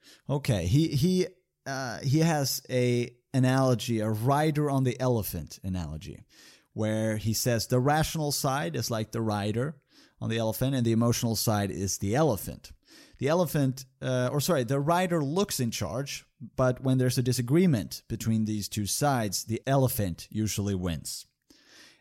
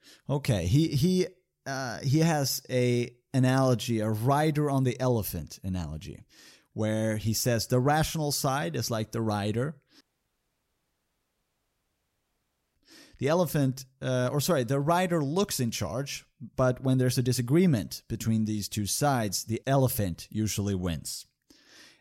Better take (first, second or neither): first